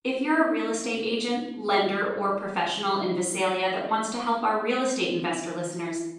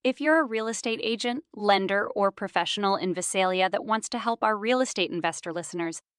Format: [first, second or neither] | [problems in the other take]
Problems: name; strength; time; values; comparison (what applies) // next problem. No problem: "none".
second | off-mic speech; far // room echo; noticeable; dies away in 0.7 s